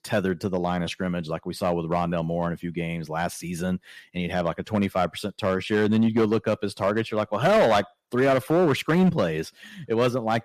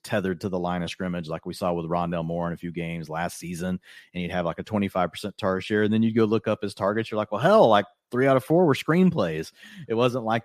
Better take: second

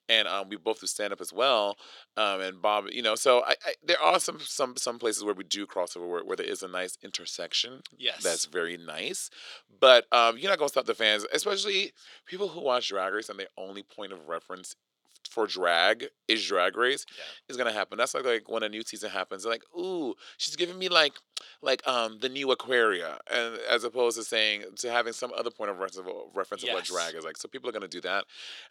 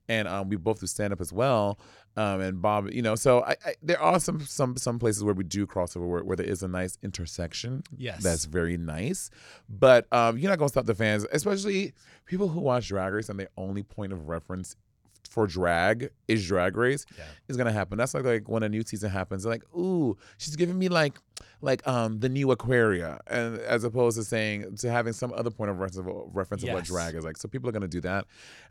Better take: second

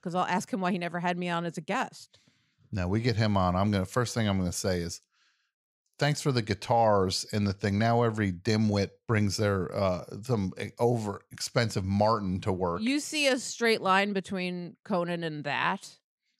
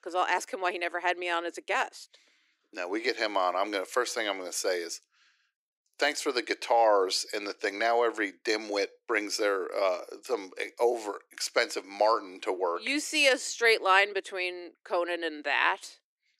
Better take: first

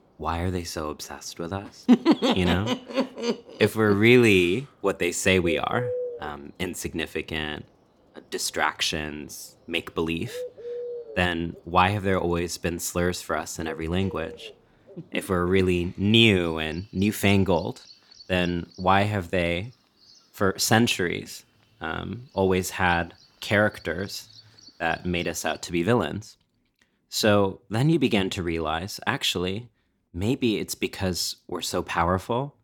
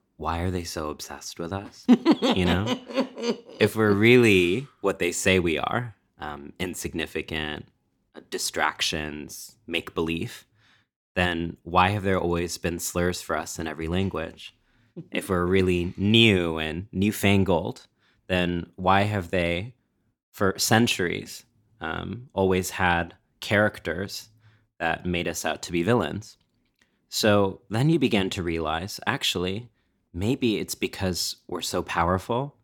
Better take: second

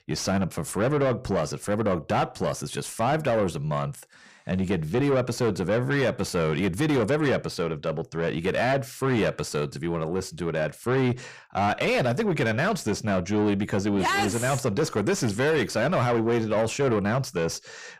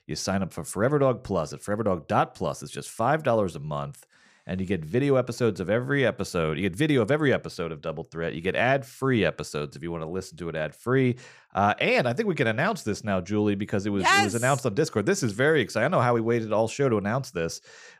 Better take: second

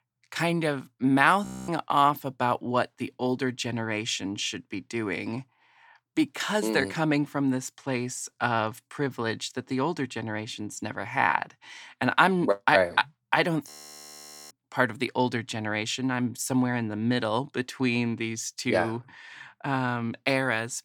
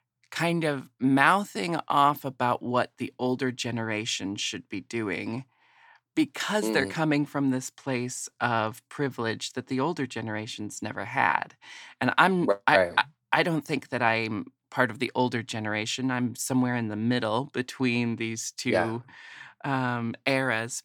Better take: second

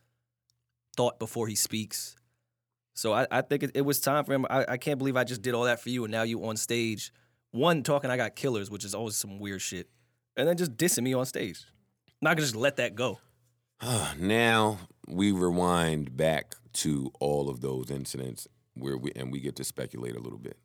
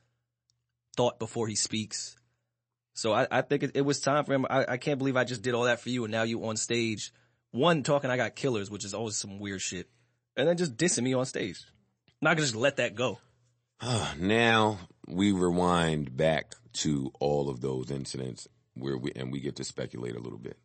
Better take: first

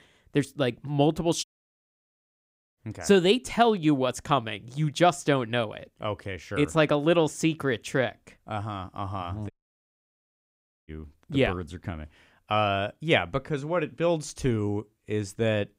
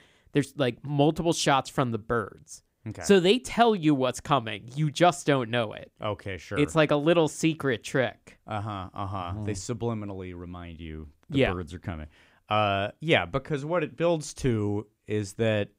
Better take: second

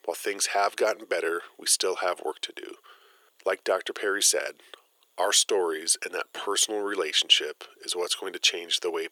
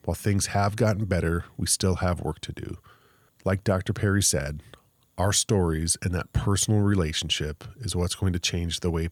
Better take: second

